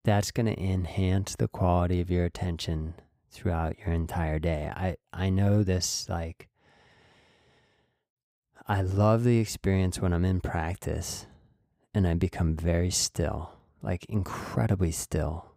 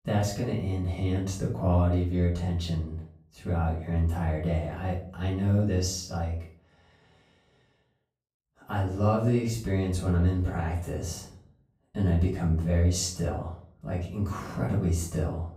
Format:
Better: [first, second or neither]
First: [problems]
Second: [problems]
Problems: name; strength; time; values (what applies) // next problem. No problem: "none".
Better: first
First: none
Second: room echo; noticeable; dies away in 0.4 s // off-mic speech; far